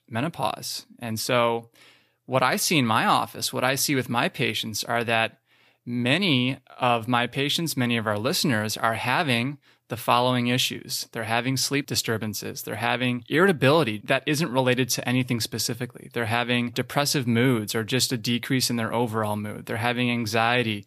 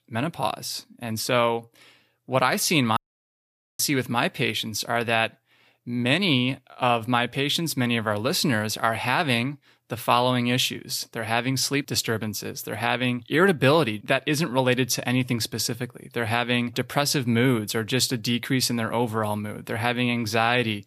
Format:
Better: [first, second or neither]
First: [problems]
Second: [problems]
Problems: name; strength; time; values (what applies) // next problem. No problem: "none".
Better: first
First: none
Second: audio cutting out; at 3 s for 1 s